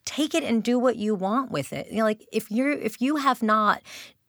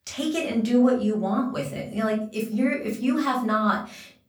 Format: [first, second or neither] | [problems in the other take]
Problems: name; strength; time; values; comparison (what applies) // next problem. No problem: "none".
first | off-mic speech; far // room echo; slight; dies away in 0.4 s